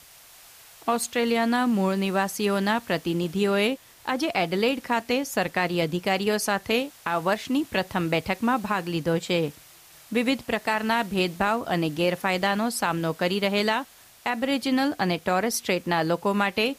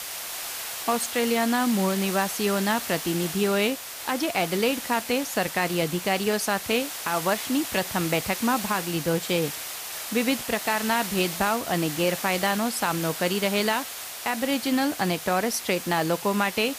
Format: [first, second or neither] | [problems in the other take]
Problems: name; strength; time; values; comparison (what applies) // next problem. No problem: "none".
first | hiss; loud; throughout; 7 dB below the speech; faint in the first